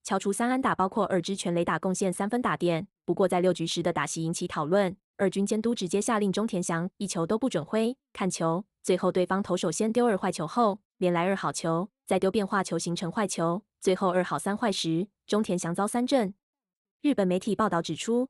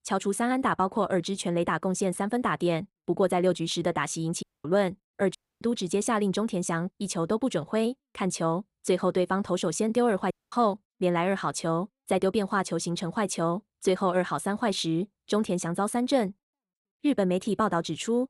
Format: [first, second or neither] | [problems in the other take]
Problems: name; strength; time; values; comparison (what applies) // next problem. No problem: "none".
first | audio cutting out; at 4.5 s, at 5.5 s and at 10 s